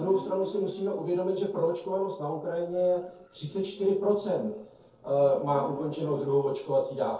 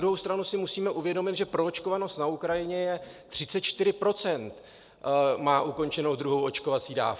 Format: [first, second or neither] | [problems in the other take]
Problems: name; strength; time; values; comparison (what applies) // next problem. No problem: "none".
second | noise reduction (neural separator model SepFormer DNS4)